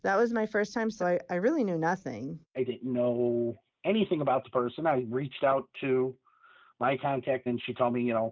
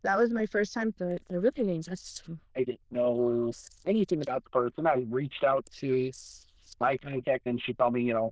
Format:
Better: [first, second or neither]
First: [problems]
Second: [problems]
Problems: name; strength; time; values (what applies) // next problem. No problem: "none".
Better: first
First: none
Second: noise reduction (neural diffusion model UNIVERSE++)